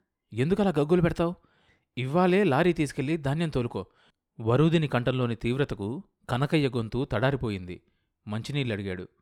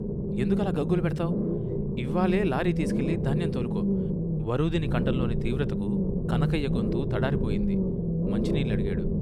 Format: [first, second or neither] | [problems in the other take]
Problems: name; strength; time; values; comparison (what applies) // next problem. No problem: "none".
first | low rumble; loud; throughout; 2 dB below the speech